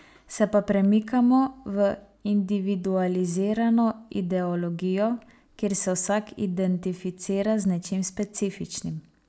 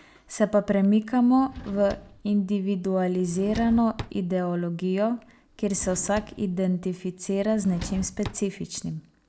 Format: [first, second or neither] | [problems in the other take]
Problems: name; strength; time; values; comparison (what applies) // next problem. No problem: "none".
first | background sound (Drawer open or close); 15 dB below the speech